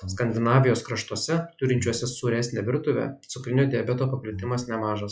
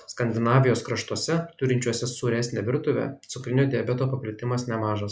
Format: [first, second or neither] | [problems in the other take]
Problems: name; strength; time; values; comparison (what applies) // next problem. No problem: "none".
second | noise reduction (classical method log-MMSE)